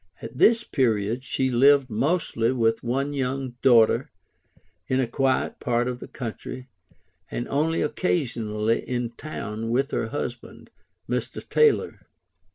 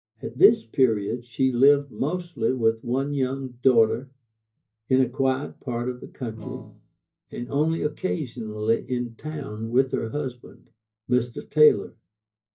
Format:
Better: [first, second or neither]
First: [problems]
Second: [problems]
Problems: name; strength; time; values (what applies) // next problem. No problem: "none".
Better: first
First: none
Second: noise reduction (neural mask model DeepFilterNet 3)